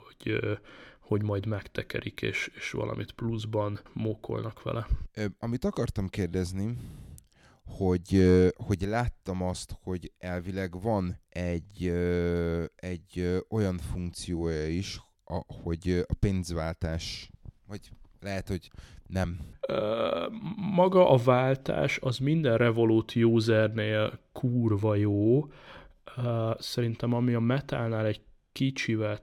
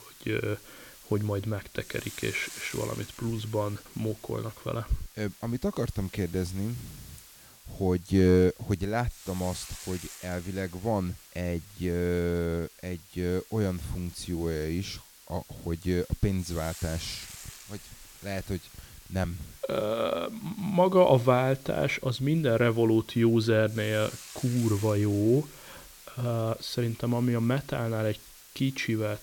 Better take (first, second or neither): first